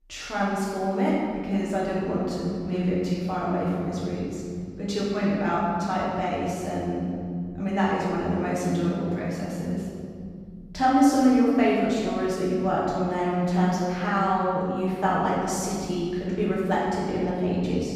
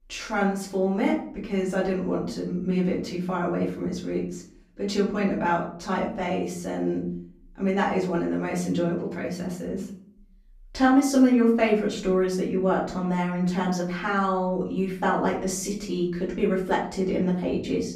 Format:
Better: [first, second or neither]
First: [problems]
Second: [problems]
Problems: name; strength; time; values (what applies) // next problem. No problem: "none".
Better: second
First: room echo; strong; dies away in 3 s // off-mic speech; far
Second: room echo; slight; dies away in 0.5 s // off-mic speech; far